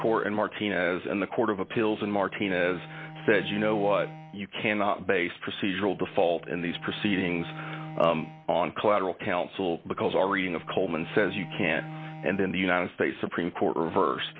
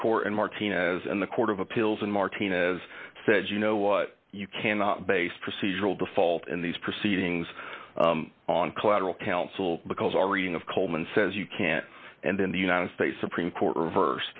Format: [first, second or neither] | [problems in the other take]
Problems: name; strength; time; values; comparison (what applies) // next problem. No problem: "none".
second | background sound (Bowed string instrument); 17 dB below the speech